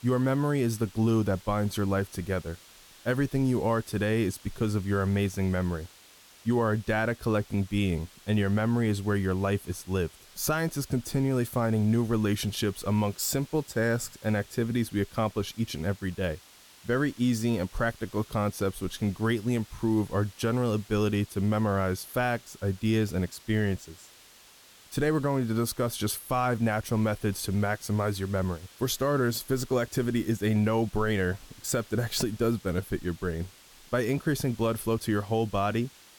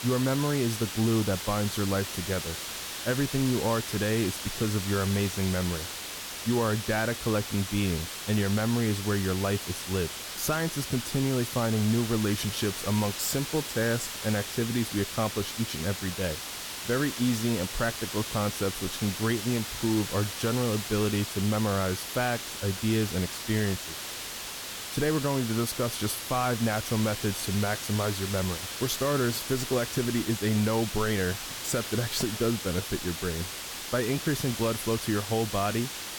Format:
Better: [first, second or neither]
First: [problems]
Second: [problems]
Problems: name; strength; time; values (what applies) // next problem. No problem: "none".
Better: first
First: hiss; faint; throughout; 25 dB below the speech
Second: hiss; loud; throughout; 5 dB below the speech